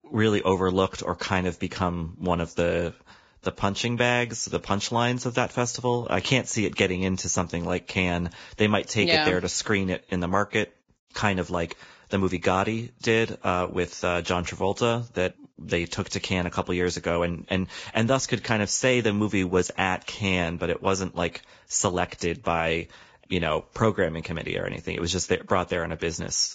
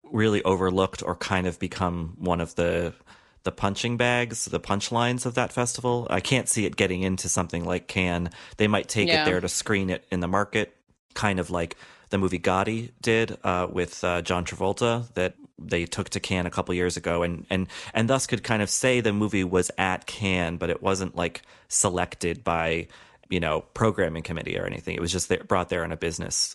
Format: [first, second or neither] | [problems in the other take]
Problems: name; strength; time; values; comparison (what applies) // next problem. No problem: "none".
second | garbled, watery; badly; nothing above 7.5 kHz; slightly in the second